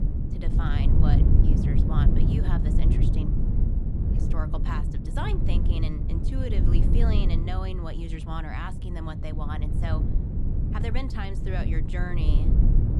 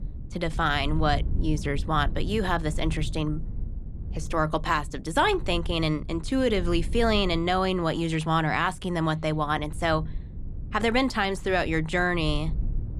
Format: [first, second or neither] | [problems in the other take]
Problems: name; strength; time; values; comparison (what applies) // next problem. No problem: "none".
second | low rumble; loud; throughout; 1 dB below the speech; faint in the second